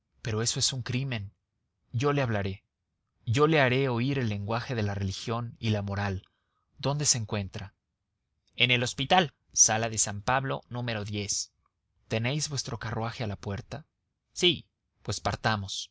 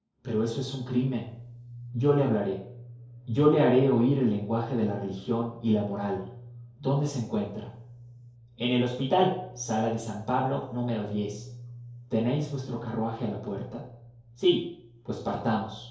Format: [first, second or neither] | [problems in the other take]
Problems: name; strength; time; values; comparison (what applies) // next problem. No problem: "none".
first | room echo; dies away in 2.4 s